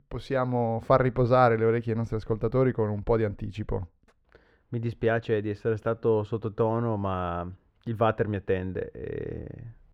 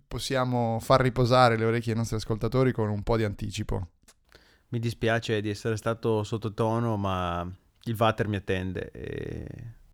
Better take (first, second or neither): second